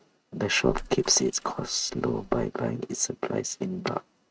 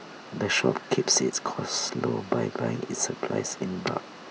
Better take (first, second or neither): second